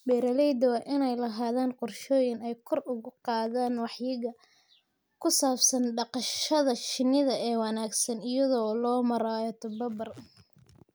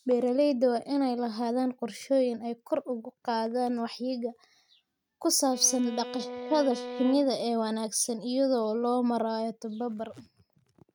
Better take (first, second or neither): first